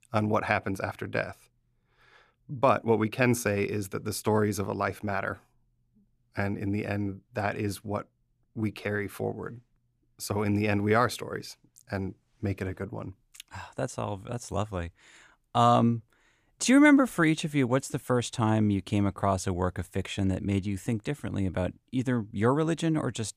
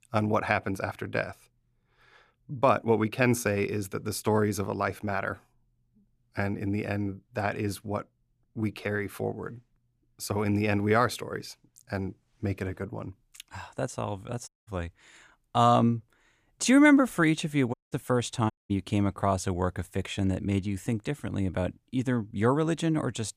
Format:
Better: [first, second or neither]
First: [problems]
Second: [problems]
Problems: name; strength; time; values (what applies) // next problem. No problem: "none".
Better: first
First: none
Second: audio cutting out; at 14 s, at 18 s and at 19 s